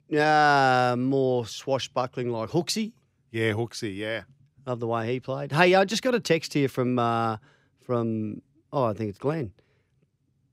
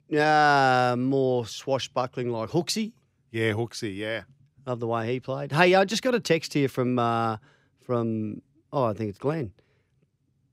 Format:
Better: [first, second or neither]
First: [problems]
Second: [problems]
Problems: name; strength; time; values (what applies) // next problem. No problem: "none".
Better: neither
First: none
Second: none